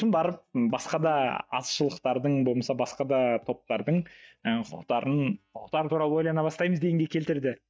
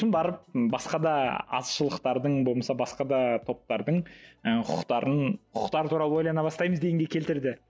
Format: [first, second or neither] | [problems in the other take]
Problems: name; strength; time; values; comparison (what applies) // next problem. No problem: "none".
second | noise reduction (neural mask model DeepFilterNet 3)